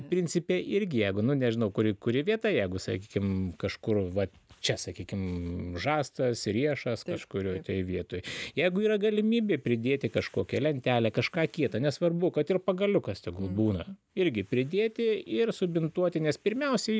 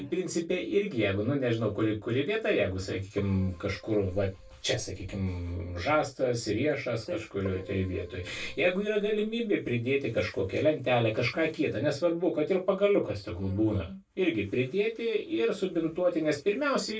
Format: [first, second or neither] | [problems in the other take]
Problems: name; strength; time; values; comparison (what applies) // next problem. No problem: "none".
first | background sound (Keyboard (musical)); 18 dB below the speech // room echo; dies away in 0.2 s